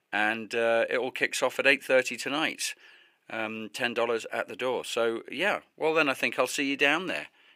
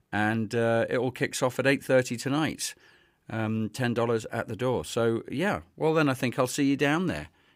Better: second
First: thin; somewhat; fading below 350 Hz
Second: none

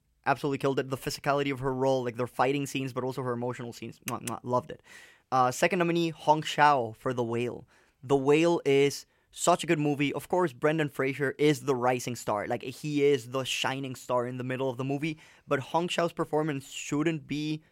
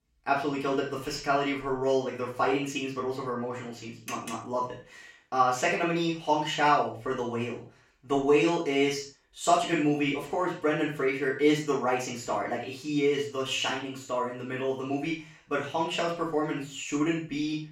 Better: first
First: none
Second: room echo; noticeable; dies away in 0.3 s // off-mic speech; far

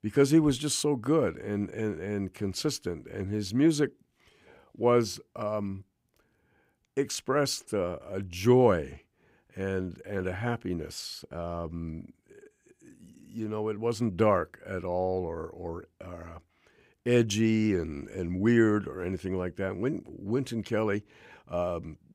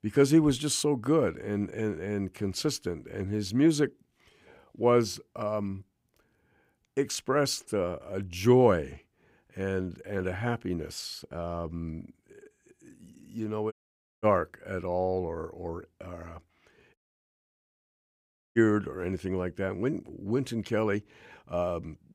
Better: first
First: none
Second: audio cutting out; at 14 s for 0.5 s and at 17 s for 1.5 s

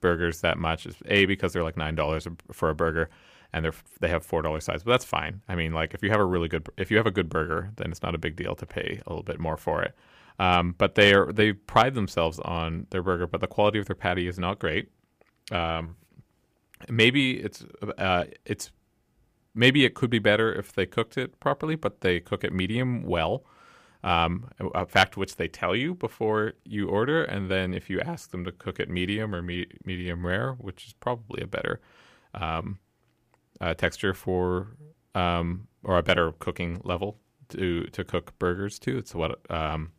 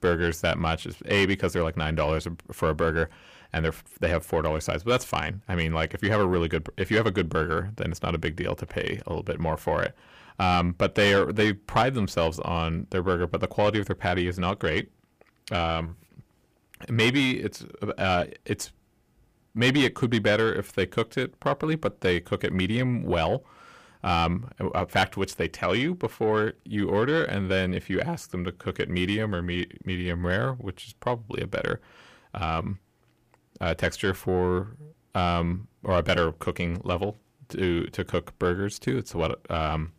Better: first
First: none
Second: distortion; slight; 10 dB below the speech

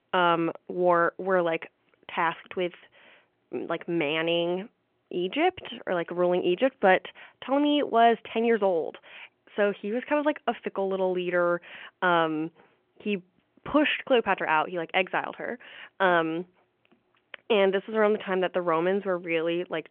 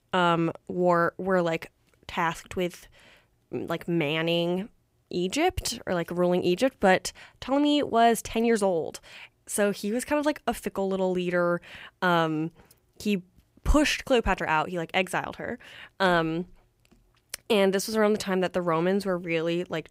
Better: second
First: phone-call audio; nothing above 3.5 kHz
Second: none

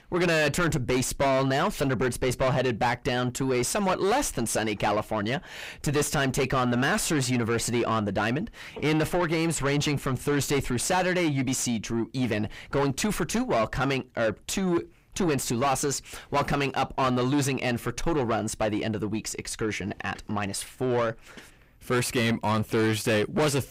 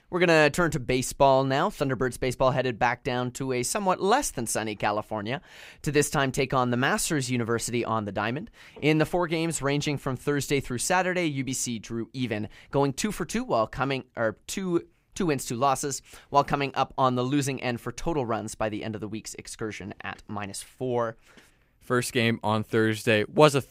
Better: second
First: distortion; heavy; 5 dB below the speech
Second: none

